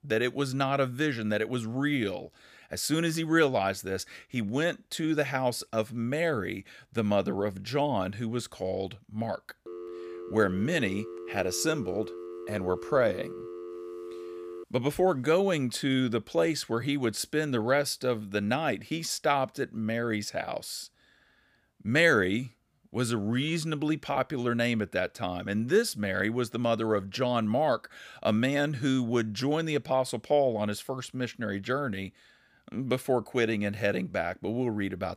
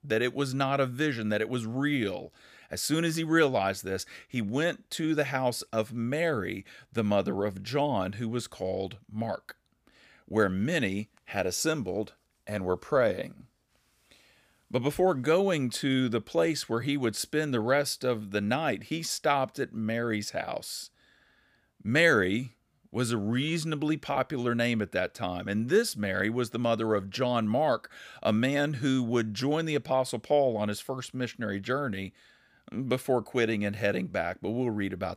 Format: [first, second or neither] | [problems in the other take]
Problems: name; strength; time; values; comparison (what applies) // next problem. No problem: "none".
second | phone ringing; faint; from 9.5 to 15 s; peak 10 dB below the speech